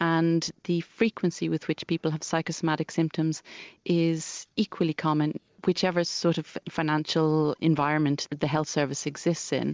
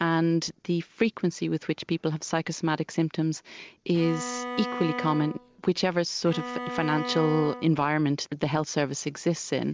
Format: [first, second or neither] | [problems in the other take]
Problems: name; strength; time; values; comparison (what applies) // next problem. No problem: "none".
first | background sound (Bowed string instrument); 8 dB below the speech